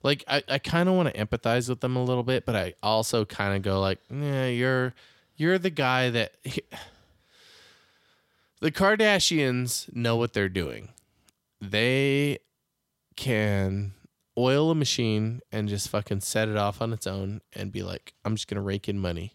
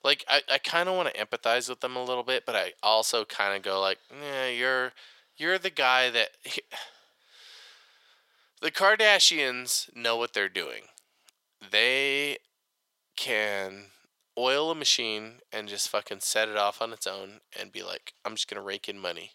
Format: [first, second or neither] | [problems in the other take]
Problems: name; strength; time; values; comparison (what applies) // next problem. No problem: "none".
first | thin; very; fading below 650 Hz